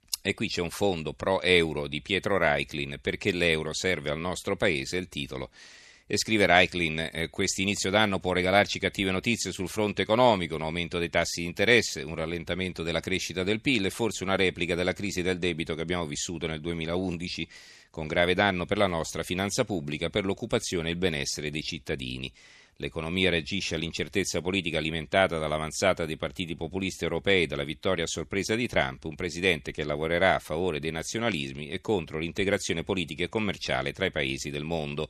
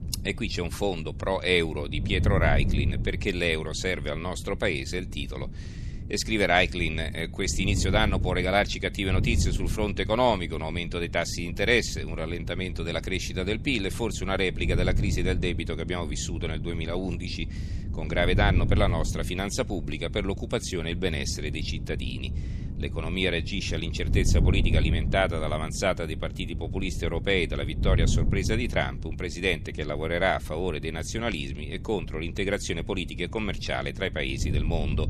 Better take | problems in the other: first | wind noise on the microphone; occasional gusts; 15 dB below the speech

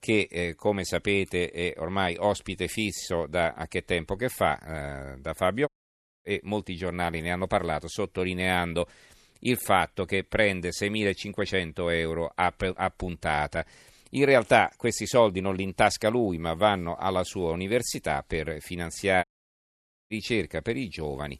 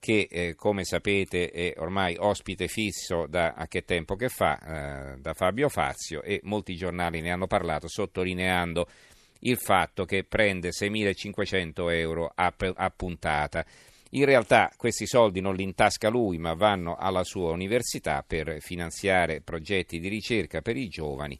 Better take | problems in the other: second | audio cutting out; at 5.5 s for 0.5 s and at 19 s for 1 s

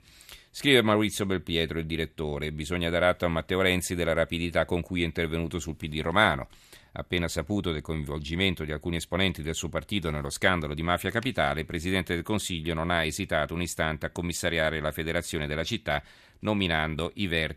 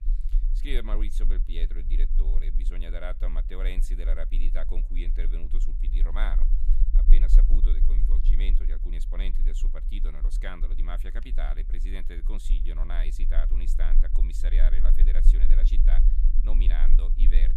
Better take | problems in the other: first | low rumble; loud; throughout; 10 dB below the speech

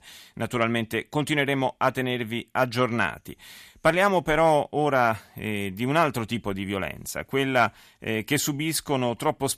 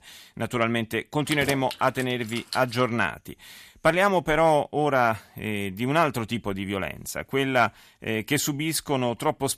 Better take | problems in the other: first | jangling keys; noticeable; from 1.5 to 3 s; peak 8 dB below the speech

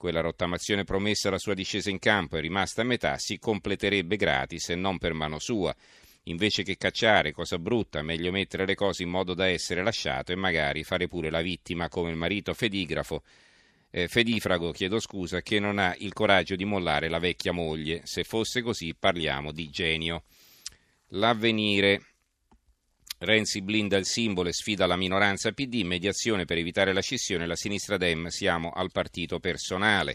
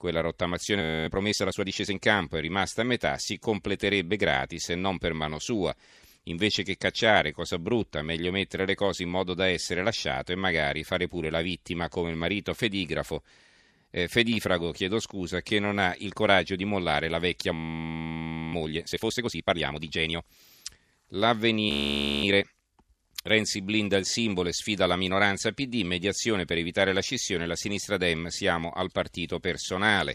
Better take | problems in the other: first | audio freezing; at 1 s, at 18 s for 1 s and at 22 s for 0.5 s

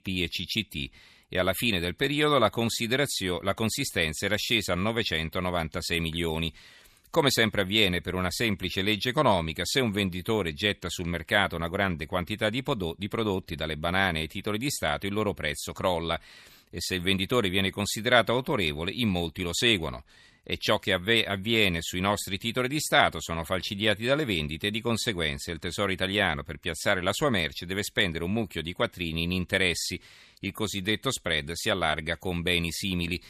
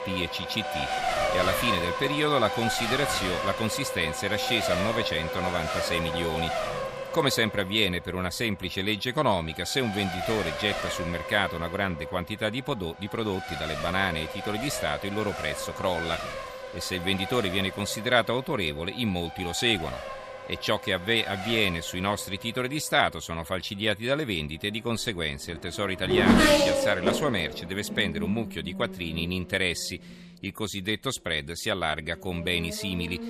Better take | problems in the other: first | traffic noise; loud; throughout; 3 dB below the speech

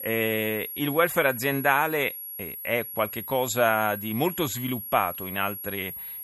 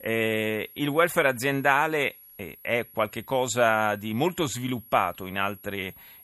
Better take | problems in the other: second | high-pitched whine; loud; throughout; 11.5 kHz, 8 dB below the speech; faint in the second

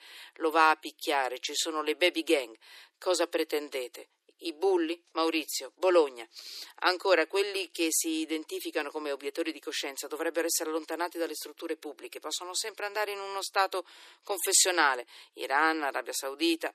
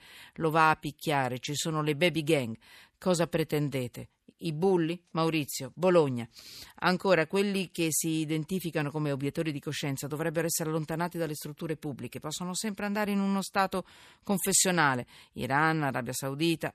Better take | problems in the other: second | thin; very; fading below 300 Hz

